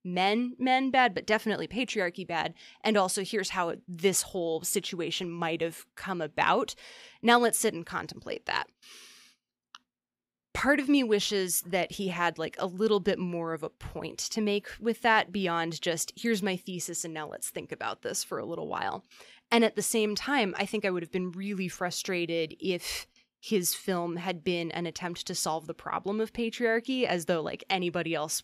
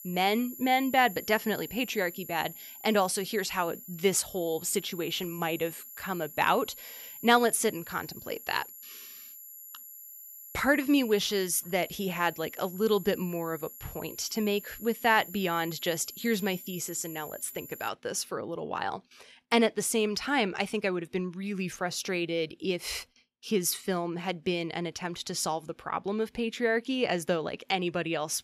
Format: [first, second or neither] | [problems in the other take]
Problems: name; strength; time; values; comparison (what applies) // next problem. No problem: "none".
first | high-pitched whine; noticeable; until 18 s; 11.5 kHz, 15 dB below the speech